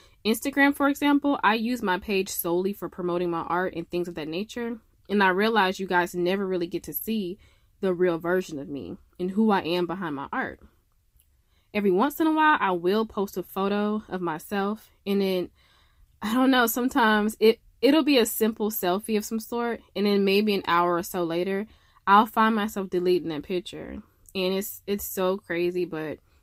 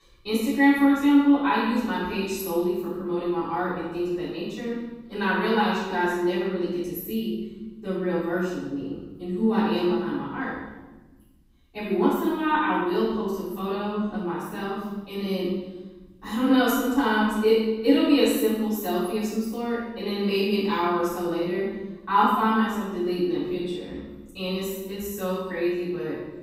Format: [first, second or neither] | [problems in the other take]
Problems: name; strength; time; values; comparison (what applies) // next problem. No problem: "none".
first | off-mic speech; far // room echo; strong; dies away in 1.1 s